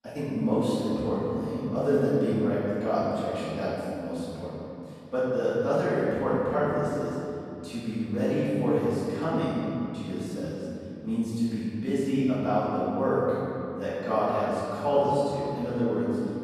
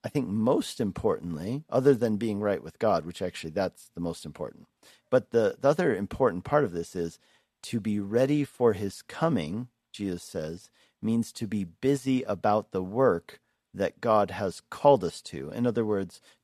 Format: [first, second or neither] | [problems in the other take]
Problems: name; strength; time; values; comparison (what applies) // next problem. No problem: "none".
second | off-mic speech; far // room echo; strong; dies away in 2.7 s